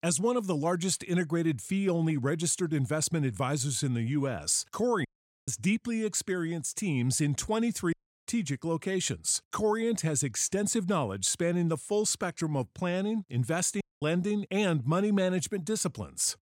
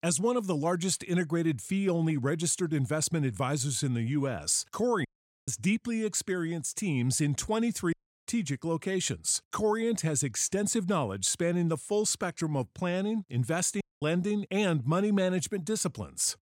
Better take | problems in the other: neither | audio cutting out; at 5 s, at 8 s and at 14 s; the same in both

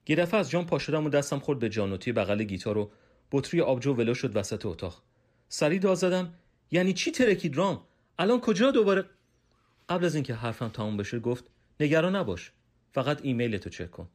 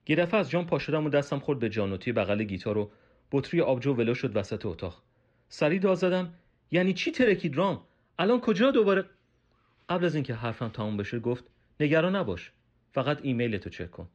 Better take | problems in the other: first | muffled; very slightly; fading above 3 kHz

